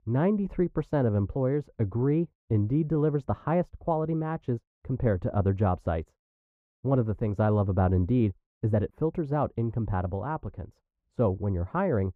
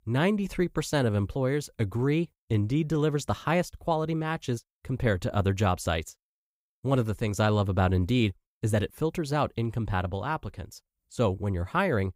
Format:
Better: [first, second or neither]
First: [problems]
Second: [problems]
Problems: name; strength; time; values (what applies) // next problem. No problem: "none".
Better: second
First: muffled; very; fading above 2.5 kHz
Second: none